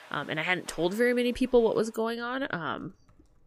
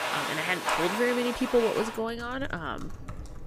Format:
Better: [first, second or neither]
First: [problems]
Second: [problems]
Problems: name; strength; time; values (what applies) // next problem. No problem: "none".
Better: first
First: household noises; faint; throughout; 25 dB below the speech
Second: household noises; loud; throughout; 3 dB below the speech